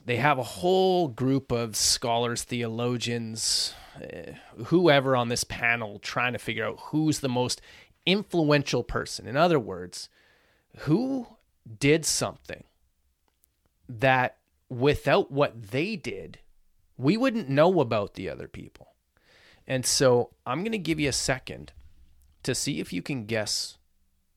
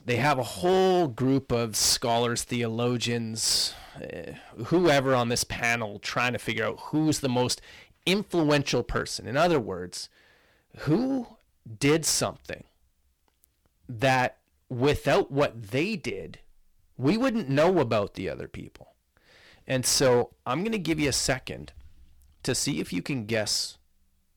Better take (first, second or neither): first